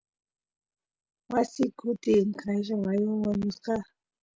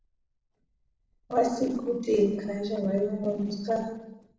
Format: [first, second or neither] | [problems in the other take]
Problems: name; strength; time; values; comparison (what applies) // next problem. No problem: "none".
first | noise reduction (neural separator model SepFormer DNS4)